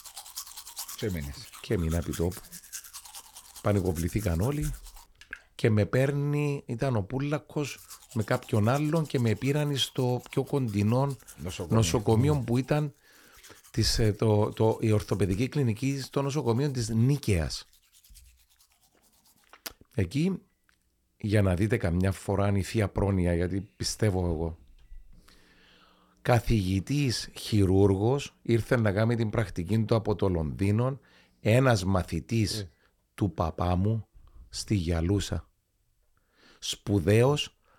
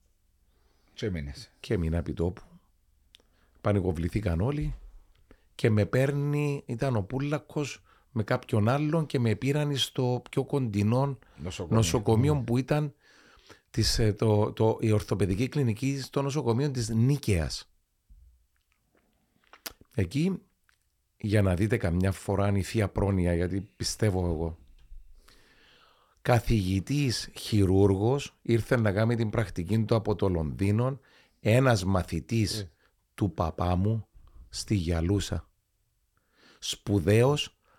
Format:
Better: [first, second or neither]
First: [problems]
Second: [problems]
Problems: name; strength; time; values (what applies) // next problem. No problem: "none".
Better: second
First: household noises; noticeable; throughout; 20 dB below the speech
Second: none